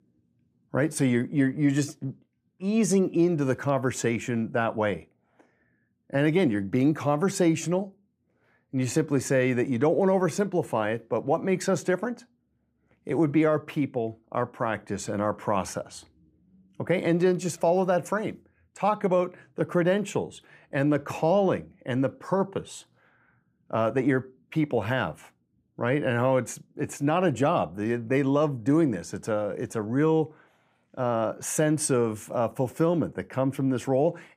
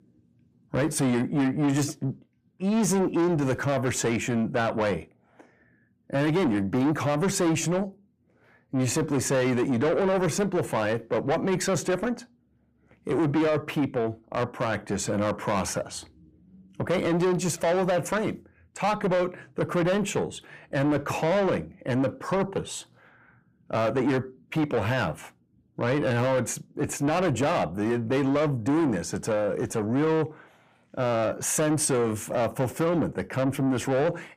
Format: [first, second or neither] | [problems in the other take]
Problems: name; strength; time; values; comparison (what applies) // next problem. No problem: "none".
first | distortion; heavy; 8 dB below the speech